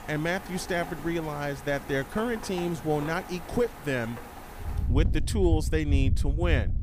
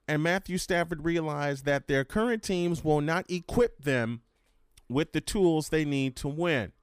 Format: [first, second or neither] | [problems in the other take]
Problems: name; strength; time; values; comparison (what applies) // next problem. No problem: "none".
second | rain or running water; loud; throughout; 2 dB below the speech